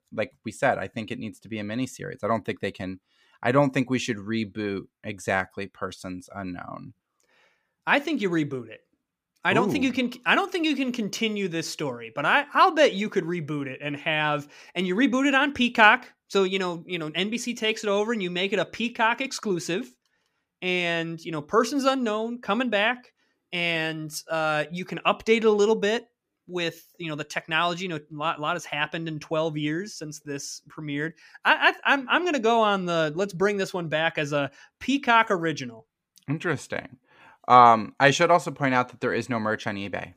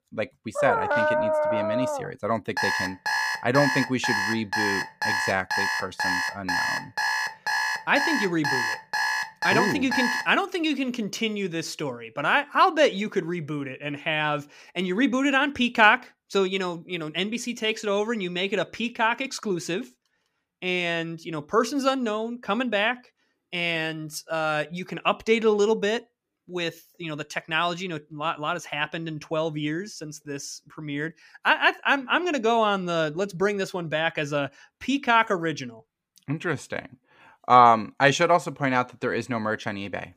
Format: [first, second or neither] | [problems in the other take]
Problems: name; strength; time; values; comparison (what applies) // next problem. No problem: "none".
first | dog barking; loud; from 0.5 to 2 s; peak 3 dB above the speech // alarm; loud; from 2.5 to 10 s; peak level with the speech